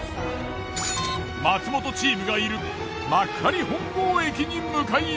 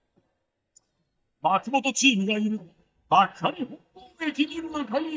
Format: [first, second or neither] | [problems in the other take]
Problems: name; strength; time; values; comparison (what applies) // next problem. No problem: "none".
first | noise reduction (neural mask model DeepFilterNet 3)